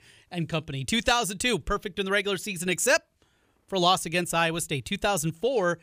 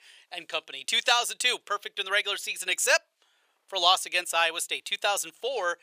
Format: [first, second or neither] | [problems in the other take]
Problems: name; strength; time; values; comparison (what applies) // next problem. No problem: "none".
first | thin; very; fading below 550 Hz